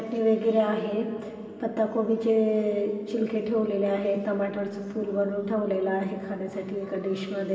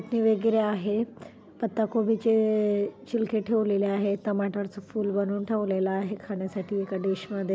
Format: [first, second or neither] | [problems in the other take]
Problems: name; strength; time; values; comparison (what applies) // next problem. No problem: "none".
second | room echo; dies away in 2.5 s